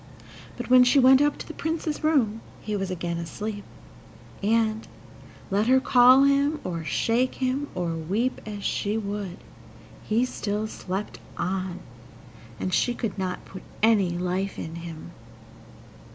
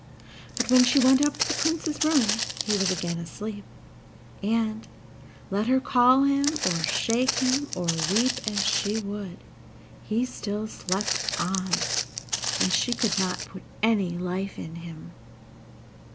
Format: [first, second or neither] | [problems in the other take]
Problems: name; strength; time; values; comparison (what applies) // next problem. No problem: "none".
first | background sound (Walk, footsteps); 2 dB below the speech